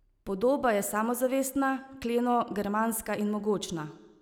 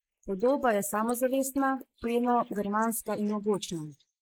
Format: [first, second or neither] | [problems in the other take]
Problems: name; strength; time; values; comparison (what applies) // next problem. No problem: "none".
first | noise reduction (neural mask model Resemble Enhance denoiser)